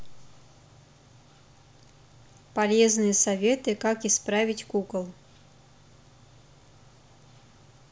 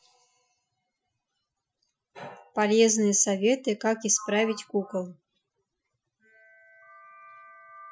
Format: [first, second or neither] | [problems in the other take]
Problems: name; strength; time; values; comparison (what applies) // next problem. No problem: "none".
first | noise reduction (classical method Wiener filter)